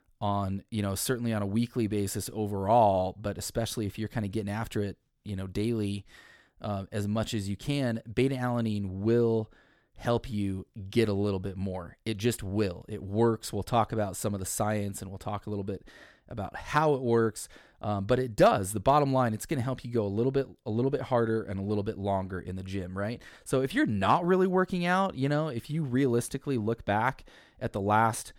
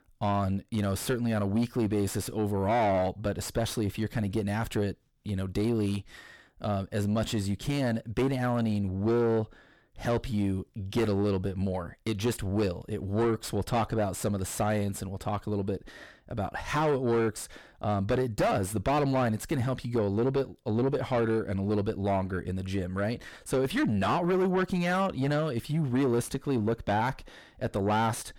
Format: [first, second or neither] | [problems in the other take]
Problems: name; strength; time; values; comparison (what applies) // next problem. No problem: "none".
first | distortion; heavy; 7 dB below the speech